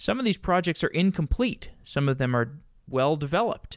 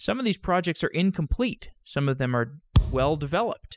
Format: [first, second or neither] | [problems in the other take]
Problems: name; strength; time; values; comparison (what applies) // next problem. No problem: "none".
first | noise reduction (classical method spectral subtraction)